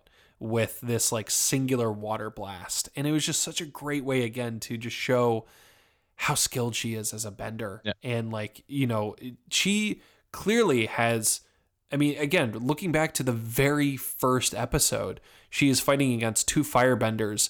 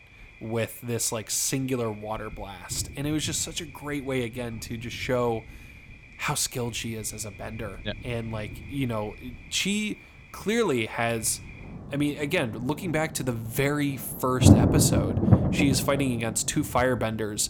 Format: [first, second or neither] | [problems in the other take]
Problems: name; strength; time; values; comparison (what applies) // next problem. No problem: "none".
first | rain or running water; very loud; throughout; 2 dB above the speech